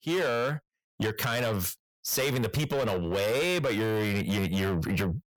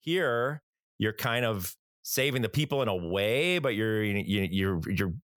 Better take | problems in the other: second | distortion; heavy; 8 dB below the speech

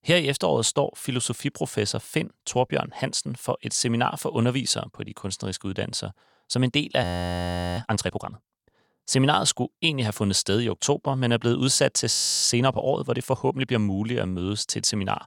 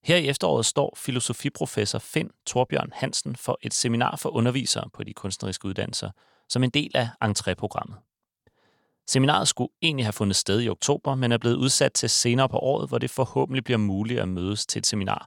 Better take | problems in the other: second | audio freezing; at 7 s for 0.5 s and at 12 s

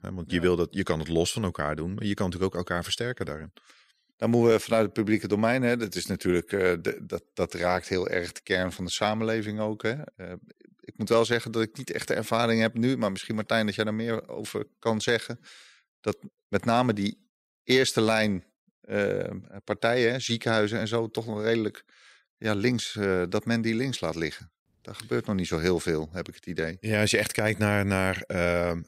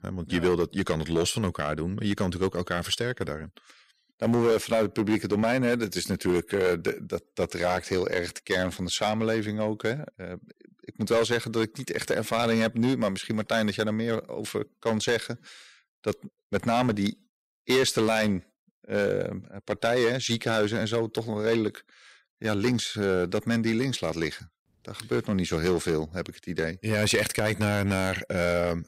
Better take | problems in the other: first | distortion; slight; 4% of the sound clipped

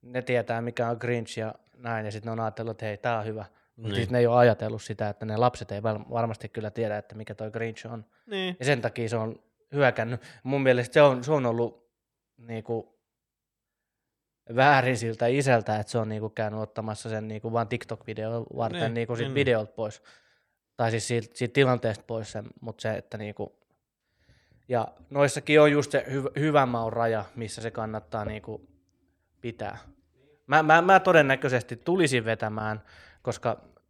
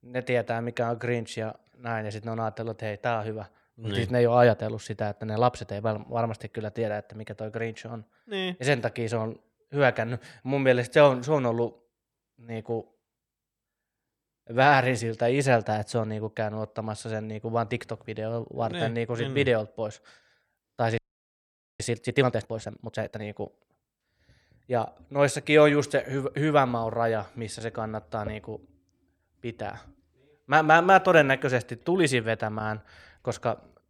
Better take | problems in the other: first | audio freezing; at 21 s for 1 s

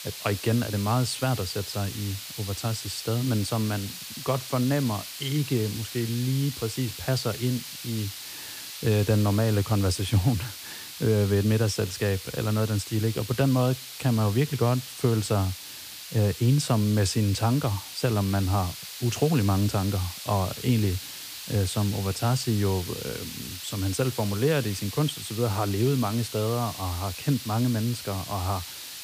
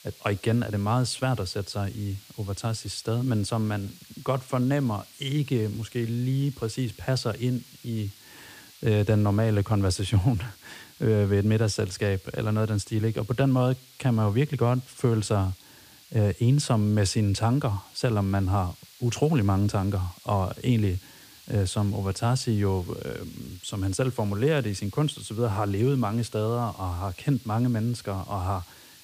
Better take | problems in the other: second | hiss; loud; throughout; 10 dB below the speech; faint in the second

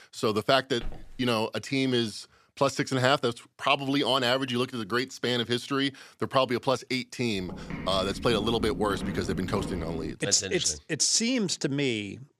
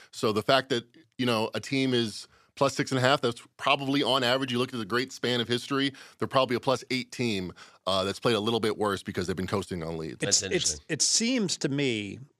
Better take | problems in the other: second | footsteps; faint; at 1 s; peak 20 dB below the speech // footsteps; noticeable; from 7.5 to 10 s; peak 7 dB below the speech

